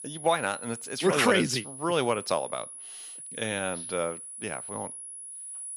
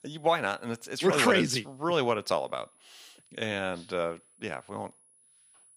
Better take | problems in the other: second | high-pitched whine; loud; throughout; 10.5 kHz, 10 dB below the speech; faint in the second

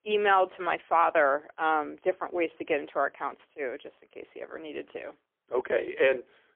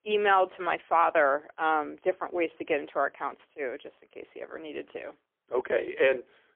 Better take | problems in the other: neither | phone-call audio; poor line; nothing above 3.5 kHz; the same in both

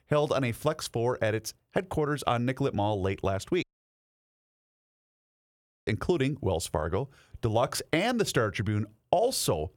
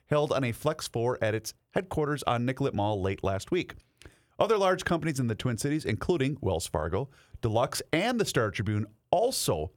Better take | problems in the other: second | audio cutting out; at 3.5 s for 2 s

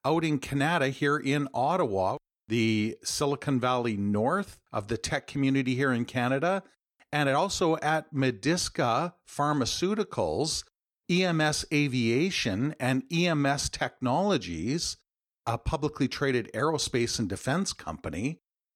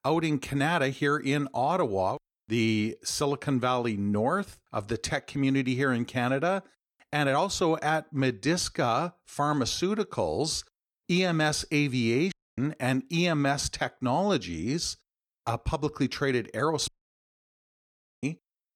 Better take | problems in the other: first | audio cutting out; at 12 s and at 17 s for 1.5 s

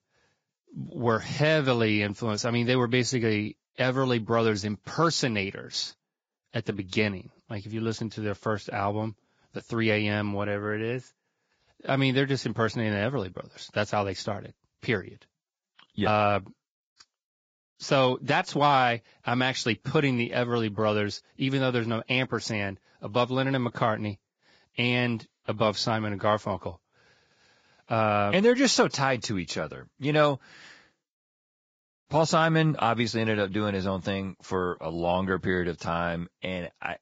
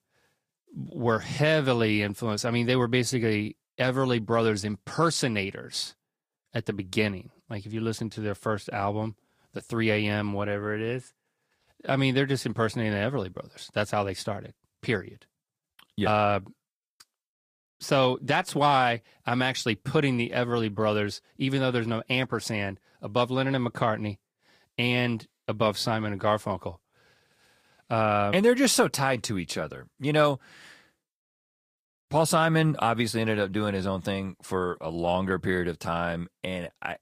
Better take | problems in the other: second | garbled, watery; badly; nothing above 7.5 kHz; slightly in the second

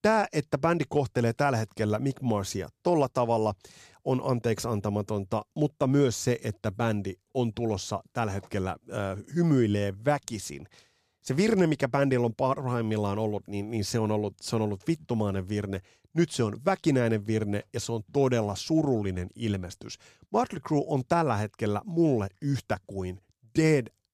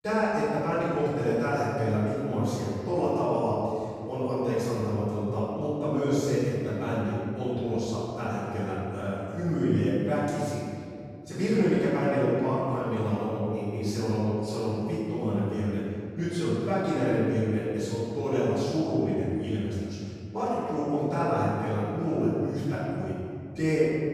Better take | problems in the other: first | off-mic speech; far // room echo; strong; dies away in 2.4 s

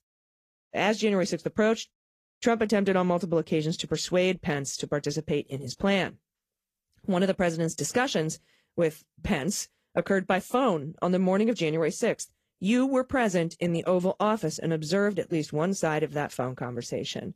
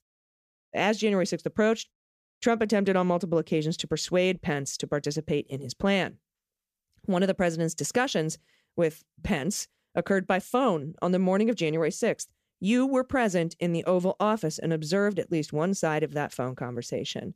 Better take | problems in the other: second | garbled, watery; slightly; nothing above 14.5 kHz

